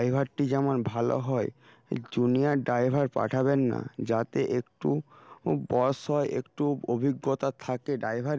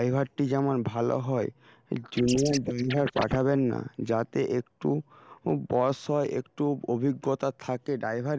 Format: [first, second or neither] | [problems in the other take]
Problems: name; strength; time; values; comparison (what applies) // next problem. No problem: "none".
first | noise reduction (neural mask model Resemble Enhance denoiser)